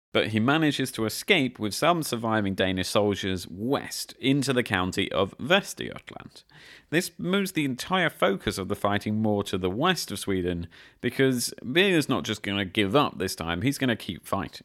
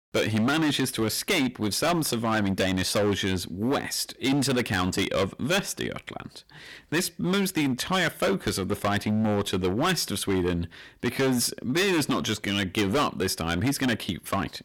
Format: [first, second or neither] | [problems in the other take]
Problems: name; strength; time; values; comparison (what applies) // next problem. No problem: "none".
first | distortion; heavy; 14% of the sound clipped